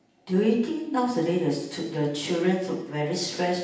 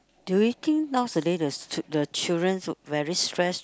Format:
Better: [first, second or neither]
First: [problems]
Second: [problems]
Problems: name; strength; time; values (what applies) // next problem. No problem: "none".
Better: second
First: room echo; dies away in 0.9 s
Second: none